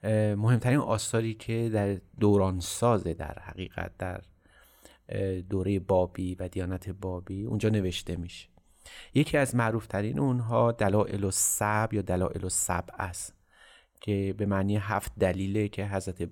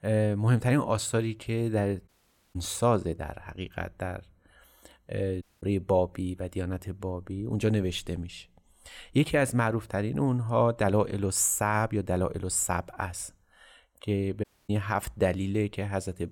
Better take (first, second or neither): first